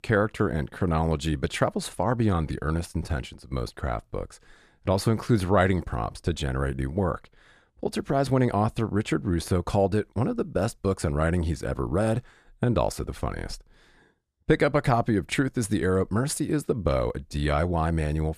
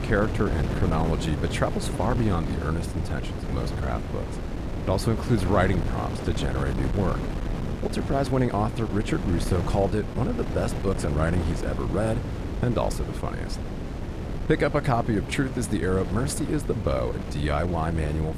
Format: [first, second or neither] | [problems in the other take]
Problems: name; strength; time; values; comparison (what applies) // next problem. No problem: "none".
first | wind noise on the microphone; heavy; 8 dB below the speech